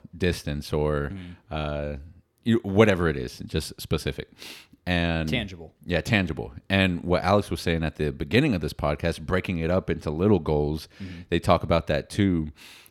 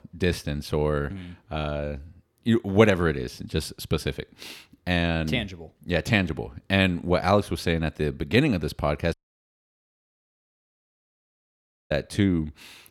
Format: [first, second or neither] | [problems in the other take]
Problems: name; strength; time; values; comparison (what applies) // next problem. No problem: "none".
first | audio cutting out; at 9 s for 3 s